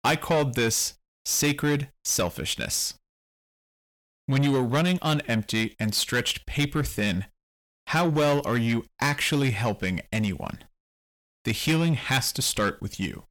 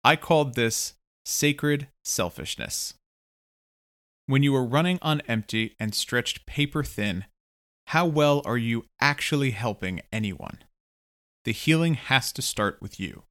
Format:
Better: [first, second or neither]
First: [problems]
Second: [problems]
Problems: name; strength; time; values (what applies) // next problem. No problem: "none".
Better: second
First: distortion; heavy; 8 dB below the speech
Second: none